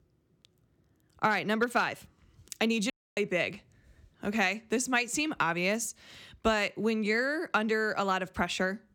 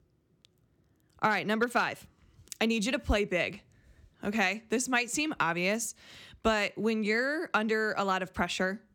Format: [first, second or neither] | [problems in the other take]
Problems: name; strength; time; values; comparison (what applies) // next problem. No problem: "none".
second | audio cutting out; at 3 s